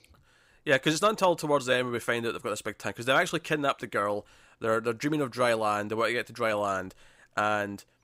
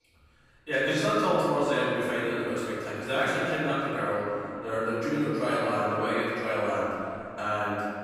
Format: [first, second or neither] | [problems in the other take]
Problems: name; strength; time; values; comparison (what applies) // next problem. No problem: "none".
first | off-mic speech; far // room echo; strong; dies away in 2.7 s